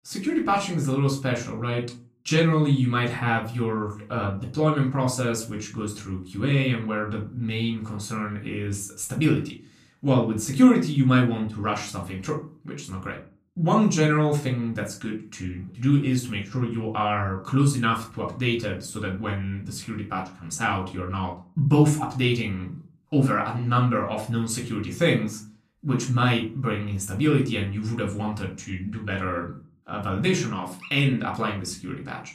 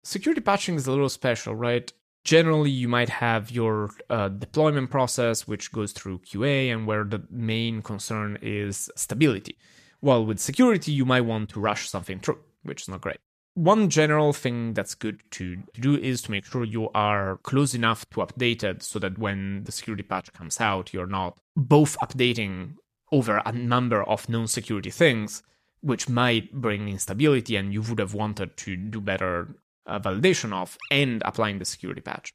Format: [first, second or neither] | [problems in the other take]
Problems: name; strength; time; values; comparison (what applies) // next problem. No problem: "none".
second | off-mic speech; somewhat distant // room echo; slight; dies away in 0.3 s